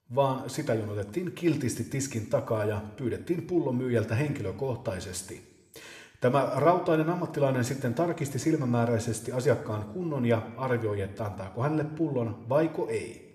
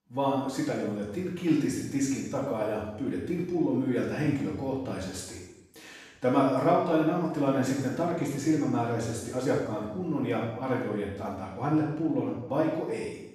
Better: first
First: room echo; slight; dies away in 0.8 s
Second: room echo; strong; dies away in 0.8 s // off-mic speech; far

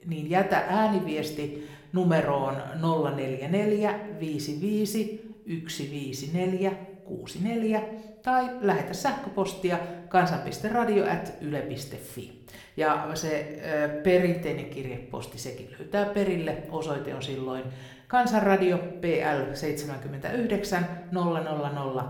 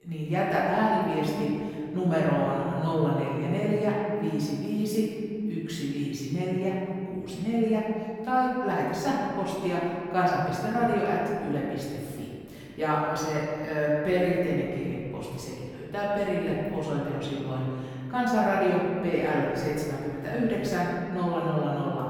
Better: first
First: room echo; slight; dies away in 0.6 s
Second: room echo; strong; dies away in 2.3 s // off-mic speech; far

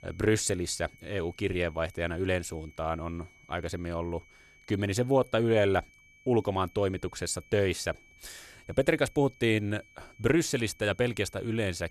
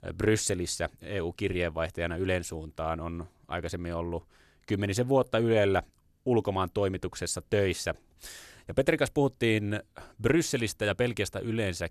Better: second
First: high-pitched whine; faint; throughout; 2.5 kHz, 25 dB below the speech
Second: none

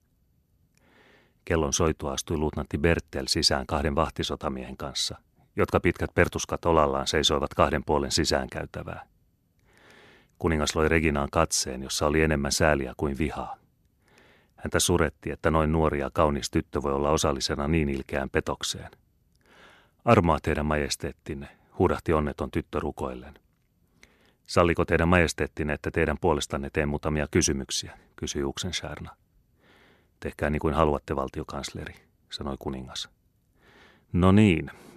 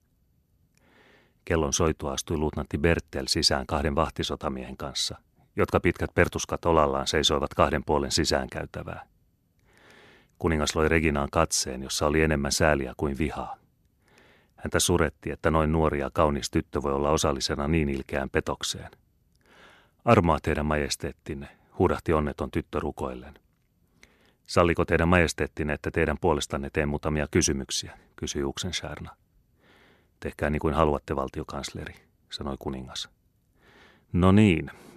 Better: neither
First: none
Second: none

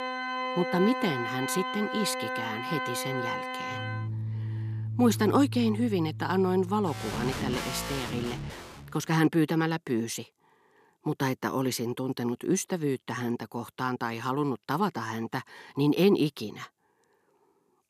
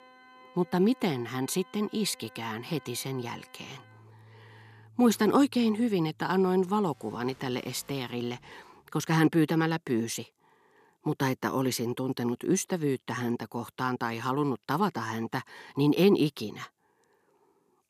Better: second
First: background music; loud; until 8.5 s; 5 dB below the speech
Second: background music; faint; until 8.5 s; 25 dB below the speech

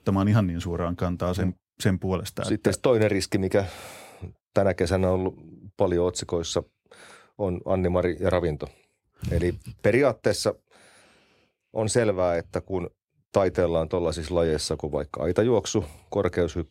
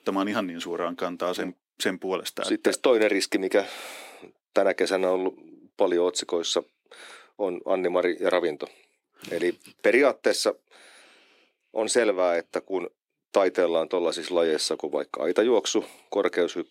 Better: first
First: none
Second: thin; somewhat; fading below 300 Hz

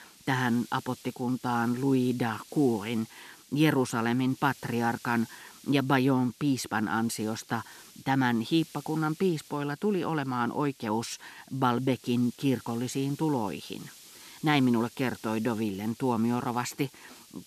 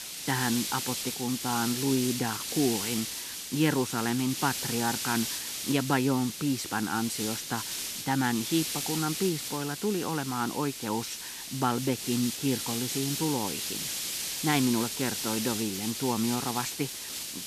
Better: first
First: hiss; faint; throughout; 20 dB below the speech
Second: hiss; loud; throughout; 2 dB below the speech

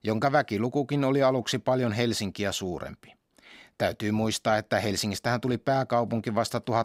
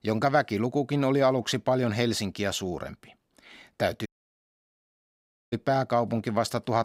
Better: first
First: none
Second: audio cutting out; at 4 s for 1.5 s

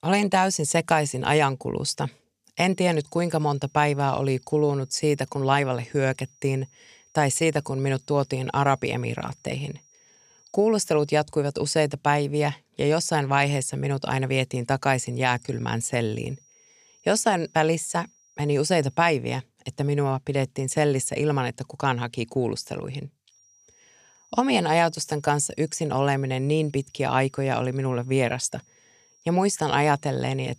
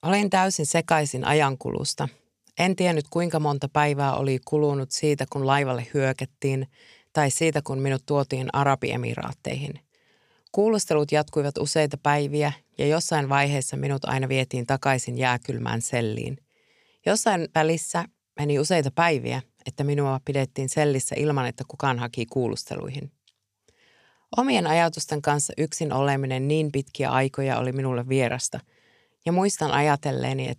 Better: second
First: high-pitched whine; faint; from 2.5 to 11 s, from 15 to 19 s and from 23 s on; 5.5 kHz, 30 dB below the speech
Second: none

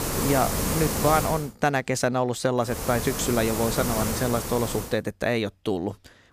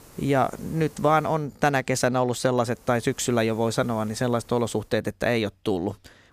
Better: second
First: hiss; loud; until 1.5 s and from 2.5 to 5 s; 3 dB below the speech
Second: hiss; faint; until 1.5 s and from 2.5 to 5 s; 25 dB below the speech

